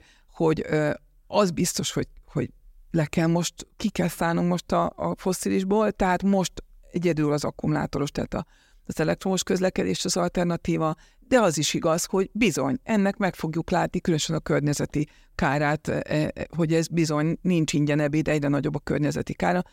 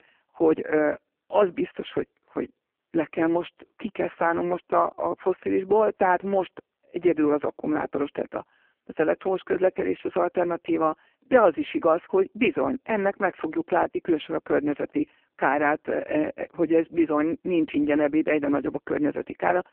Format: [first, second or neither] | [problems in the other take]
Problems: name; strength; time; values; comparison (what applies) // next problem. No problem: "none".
first | phone-call audio; poor line